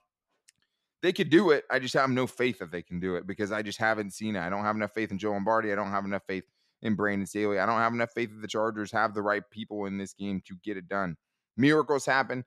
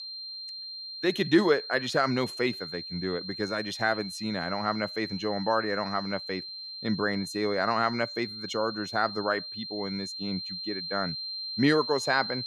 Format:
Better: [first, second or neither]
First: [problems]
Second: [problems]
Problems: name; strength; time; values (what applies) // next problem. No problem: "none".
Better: first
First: none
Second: high-pitched whine; loud; throughout; 4 kHz, 7 dB below the speech